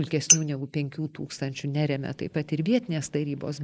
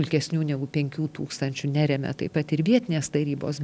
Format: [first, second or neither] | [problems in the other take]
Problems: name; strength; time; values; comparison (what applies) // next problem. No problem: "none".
second | noise reduction (neural mask model Resemble Enhance denoiser)